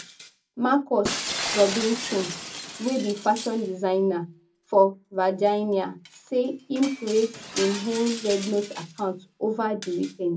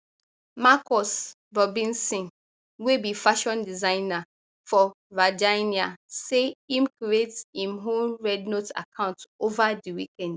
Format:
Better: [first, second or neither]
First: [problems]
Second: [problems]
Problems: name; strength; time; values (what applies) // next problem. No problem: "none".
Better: second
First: background sound (Shatter); 11 dB below the speech // room echo; dies away in 0.4 s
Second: none